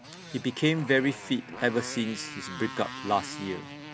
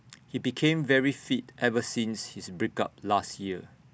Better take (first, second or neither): second